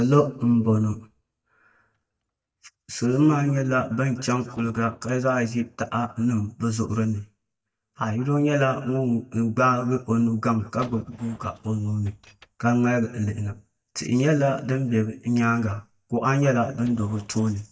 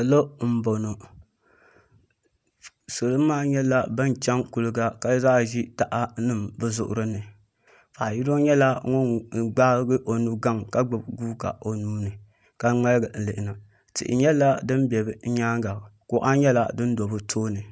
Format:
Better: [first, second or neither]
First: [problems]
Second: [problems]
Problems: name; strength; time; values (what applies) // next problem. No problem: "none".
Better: second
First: noise reduction (neural mask model DeepFilterNet 3)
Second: none